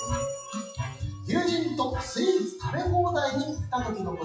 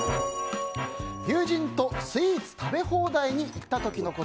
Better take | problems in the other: second | noise reduction (classical method WPE with log-MMSE)

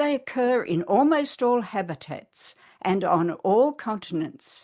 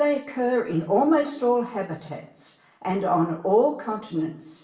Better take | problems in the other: first | room echo; dies away in 0.8 s

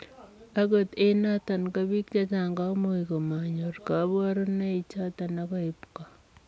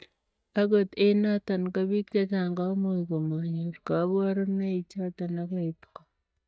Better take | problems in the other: first | noise reduction (neural mask model DeepFilterNet 3)

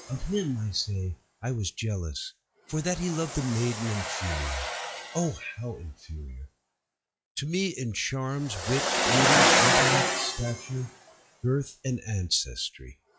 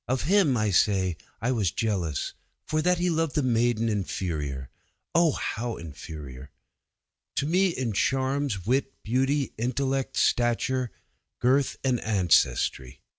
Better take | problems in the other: second | noise reduction (classical method log-MMSE)

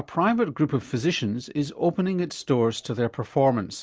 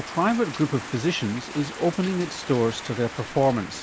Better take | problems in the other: first | background sound (Rain); 12 dB below the speech

